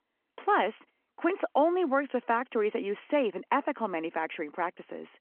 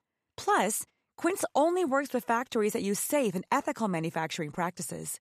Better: second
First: phone-call audio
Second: none

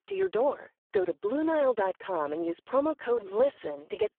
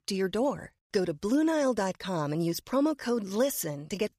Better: second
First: phone-call audio; poor line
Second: none

